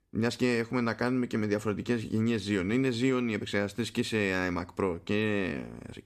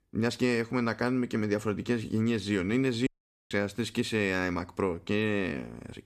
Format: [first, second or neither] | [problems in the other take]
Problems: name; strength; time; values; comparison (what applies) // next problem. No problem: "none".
first | audio cutting out; at 3 s